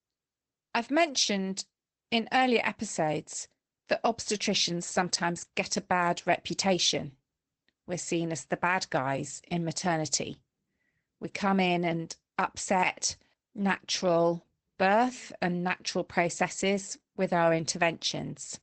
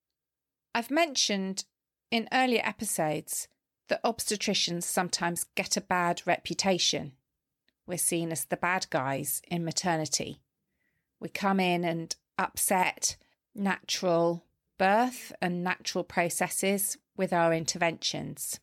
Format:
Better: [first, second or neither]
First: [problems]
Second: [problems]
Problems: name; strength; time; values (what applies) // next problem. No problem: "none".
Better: second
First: garbled, watery; badly; nothing above 8 kHz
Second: none